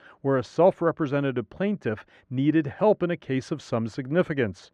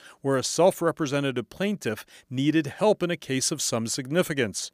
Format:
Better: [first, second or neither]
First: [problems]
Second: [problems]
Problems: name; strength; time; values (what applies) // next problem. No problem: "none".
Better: second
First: muffled; very; fading above 2 kHz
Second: none